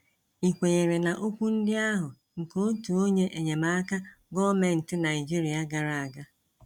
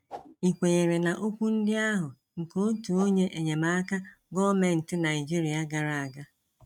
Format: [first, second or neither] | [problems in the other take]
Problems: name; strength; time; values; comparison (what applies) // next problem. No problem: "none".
first | noise reduction (neural mask model RNNoise)